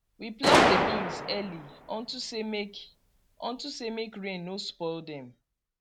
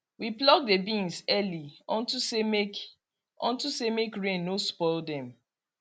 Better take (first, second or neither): second